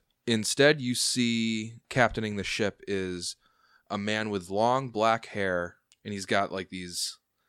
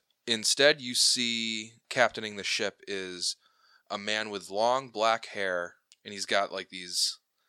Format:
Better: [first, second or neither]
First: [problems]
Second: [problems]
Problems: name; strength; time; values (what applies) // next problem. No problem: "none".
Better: first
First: none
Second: thin; somewhat; fading below 550 Hz